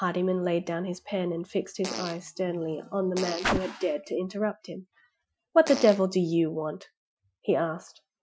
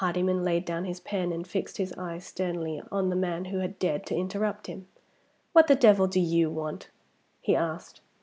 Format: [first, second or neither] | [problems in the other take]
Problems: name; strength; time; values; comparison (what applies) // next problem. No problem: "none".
second | noise reduction (classical method Wiener filter)